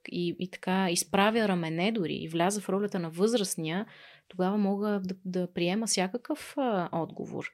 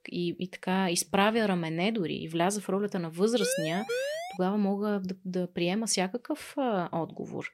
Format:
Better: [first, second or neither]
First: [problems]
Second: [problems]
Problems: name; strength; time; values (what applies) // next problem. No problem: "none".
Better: first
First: none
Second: siren; noticeable; at 3.5 s; peak 2 dB below the speech